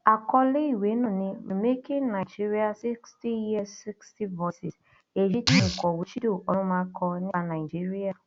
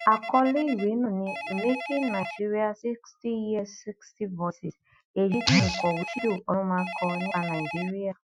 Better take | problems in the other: first | noise reduction (classical method Wiener filter)

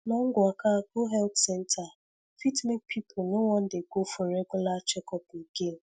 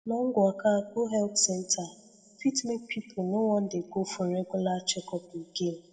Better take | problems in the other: first | room echo; dies away in 1.8 s

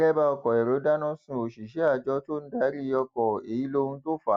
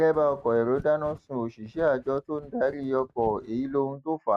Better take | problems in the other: first | noise reduction (neural mask model RNNoise)

